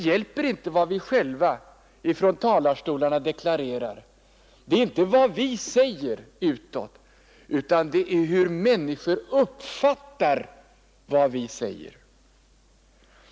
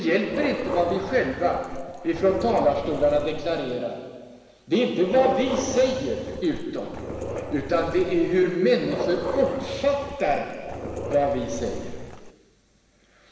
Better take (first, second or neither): first